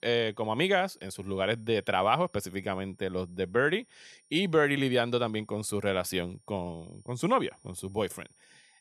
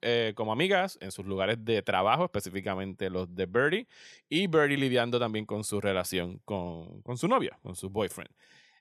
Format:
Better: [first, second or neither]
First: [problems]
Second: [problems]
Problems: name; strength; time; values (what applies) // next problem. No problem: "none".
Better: second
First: high-pitched whine; faint; throughout; 9 kHz, 35 dB below the speech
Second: none